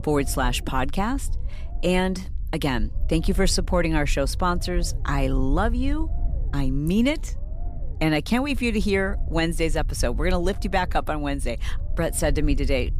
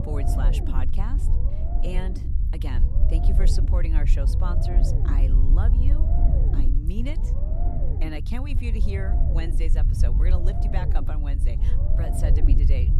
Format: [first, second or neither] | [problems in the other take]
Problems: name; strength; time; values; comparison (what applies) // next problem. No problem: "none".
first | low rumble; loud; throughout; 1 dB below the speech; faint in the first